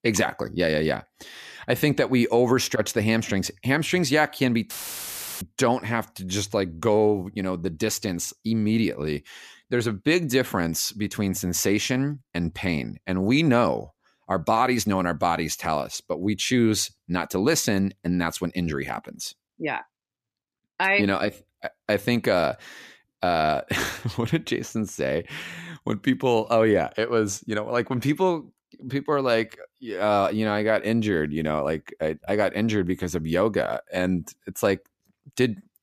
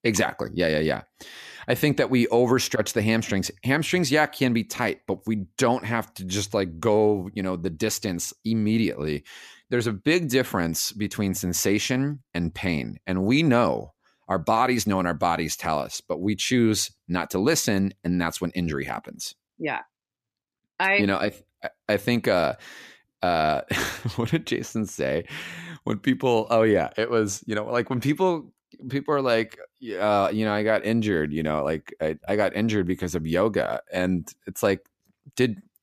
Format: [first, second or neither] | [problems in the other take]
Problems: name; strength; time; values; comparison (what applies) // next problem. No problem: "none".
second | audio cutting out; filled with static; at 4.5 s for 0.5 s